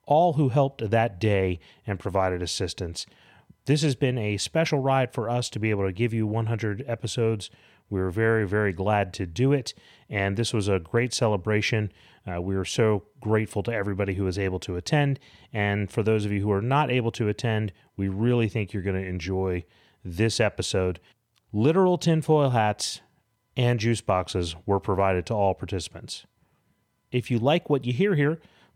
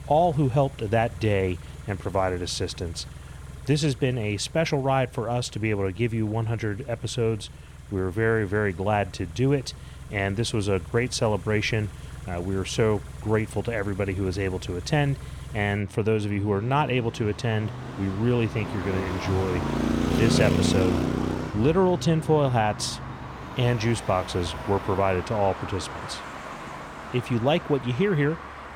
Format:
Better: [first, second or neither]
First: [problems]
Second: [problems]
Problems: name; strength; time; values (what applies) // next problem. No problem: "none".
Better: first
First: none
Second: traffic noise; loud; throughout; 7 dB below the speech